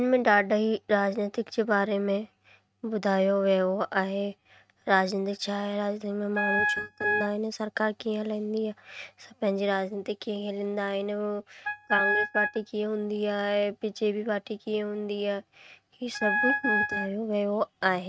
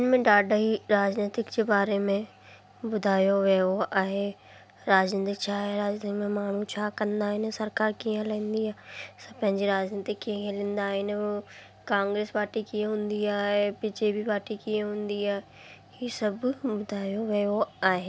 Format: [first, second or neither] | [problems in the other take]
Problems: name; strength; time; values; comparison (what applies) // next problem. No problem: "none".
second | noise reduction (neural mask model RNNoise)